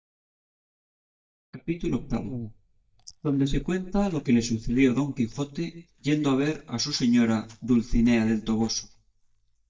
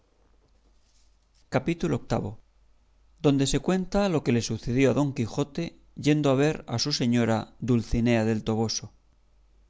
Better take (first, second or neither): second